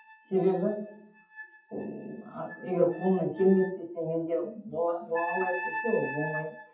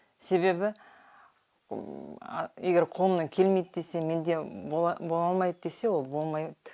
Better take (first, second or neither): second